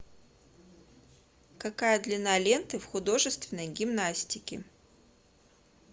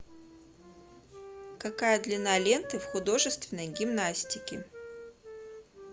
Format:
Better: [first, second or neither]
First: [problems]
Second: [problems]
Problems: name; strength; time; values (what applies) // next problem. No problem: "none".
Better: first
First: none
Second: background sound (Wind instrument, woodwind instrument); 13 dB below the speech